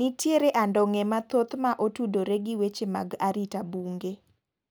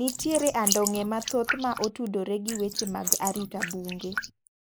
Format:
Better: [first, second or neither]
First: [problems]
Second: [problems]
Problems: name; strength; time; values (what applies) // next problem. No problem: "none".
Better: first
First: none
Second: noise reduction (neural mask model Resemble Enhance denoiser)